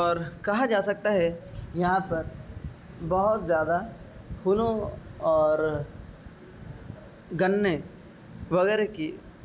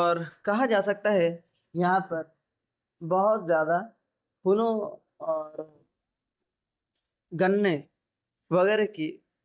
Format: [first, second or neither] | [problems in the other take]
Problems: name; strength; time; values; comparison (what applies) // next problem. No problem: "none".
first | noise reduction (neural mask model DeepFilterNet 3)